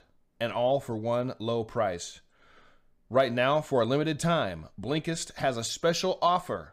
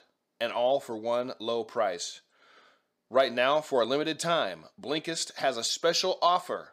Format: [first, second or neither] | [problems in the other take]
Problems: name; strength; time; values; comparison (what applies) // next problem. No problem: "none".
first | thin; somewhat; fading below 300 Hz